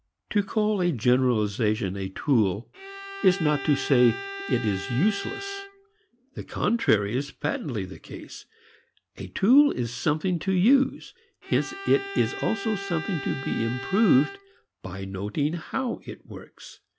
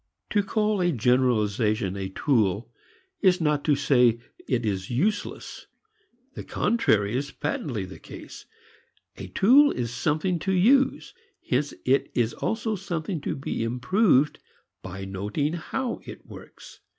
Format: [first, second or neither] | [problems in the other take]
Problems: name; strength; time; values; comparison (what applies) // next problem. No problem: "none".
second | background sound (Bowed string instrument); 11 dB below the speech